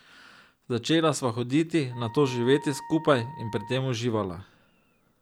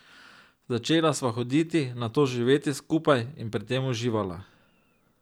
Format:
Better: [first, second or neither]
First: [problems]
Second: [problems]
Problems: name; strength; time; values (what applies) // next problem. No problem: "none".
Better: second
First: background sound (Wind instrument, woodwind instrument); 17 dB below the speech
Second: none